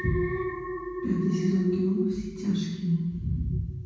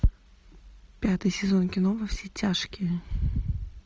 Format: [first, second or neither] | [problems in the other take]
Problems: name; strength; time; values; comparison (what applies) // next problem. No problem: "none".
second | background sound (Alarm); 6 dB below the speech // room echo; dies away in 1.1 s